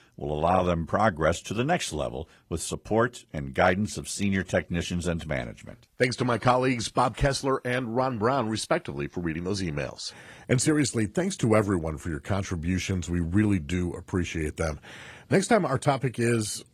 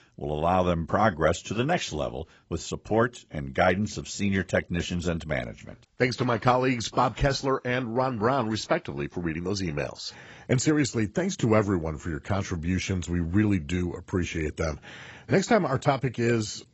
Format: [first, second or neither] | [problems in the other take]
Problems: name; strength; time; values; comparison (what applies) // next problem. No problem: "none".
first | garbled, watery; badly; nothing above 7.5 kHz; slightly in the first